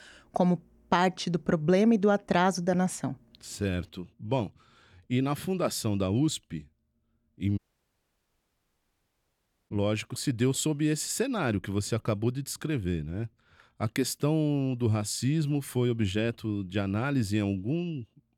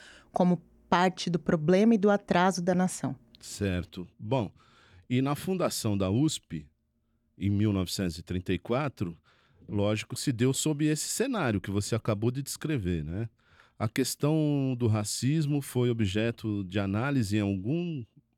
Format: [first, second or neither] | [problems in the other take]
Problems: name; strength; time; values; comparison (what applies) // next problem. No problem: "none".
second | audio cutting out; at 7.5 s for 2 s